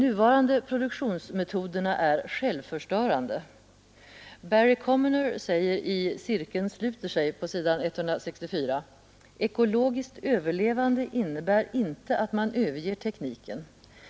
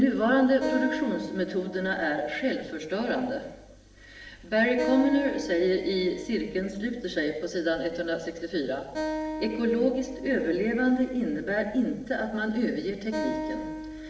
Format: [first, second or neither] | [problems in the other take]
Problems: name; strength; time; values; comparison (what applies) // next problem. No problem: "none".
first | background sound (Acoustic guitar); 10 dB below the speech // room echo; dies away in 0.9 s